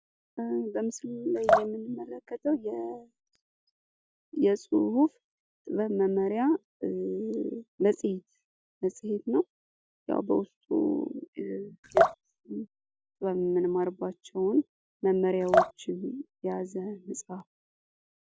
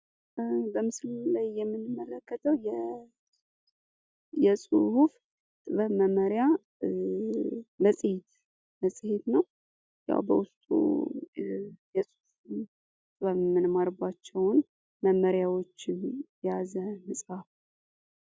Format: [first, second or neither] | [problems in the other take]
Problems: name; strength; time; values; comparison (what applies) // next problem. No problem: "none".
second | background sound (Drip); as loud as the speech